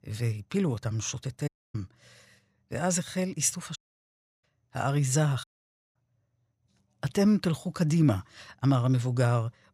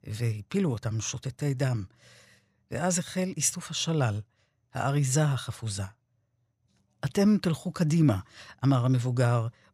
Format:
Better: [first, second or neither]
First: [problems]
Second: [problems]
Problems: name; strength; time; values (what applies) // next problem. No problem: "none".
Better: second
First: audio cutting out; at 1.5 s, at 4 s for 0.5 s and at 5.5 s for 0.5 s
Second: none